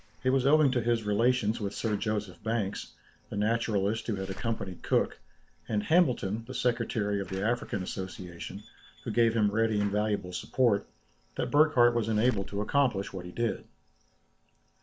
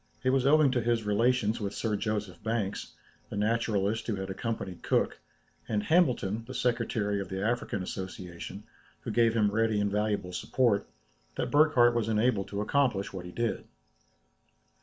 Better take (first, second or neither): second